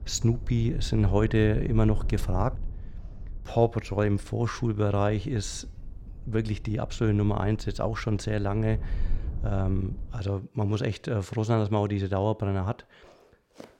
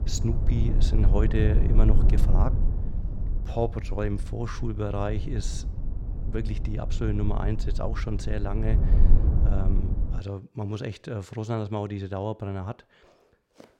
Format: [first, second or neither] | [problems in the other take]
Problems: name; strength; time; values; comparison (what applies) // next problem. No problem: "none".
first | low rumble; loud; until 10 s; 8 dB below the speech; faint in the first